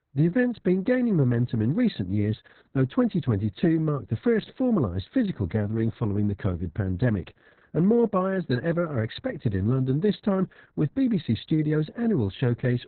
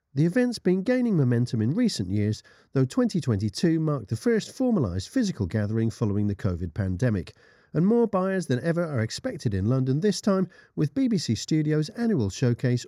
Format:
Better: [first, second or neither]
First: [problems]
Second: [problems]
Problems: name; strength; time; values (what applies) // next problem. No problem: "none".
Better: second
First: garbled, watery; badly; nothing above 4 kHz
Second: none